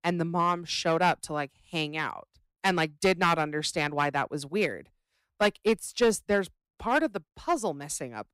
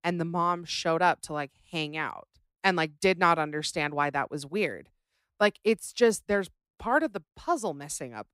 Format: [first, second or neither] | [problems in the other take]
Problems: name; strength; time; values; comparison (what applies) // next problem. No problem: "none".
second | distortion; slight; 3% of the sound clipped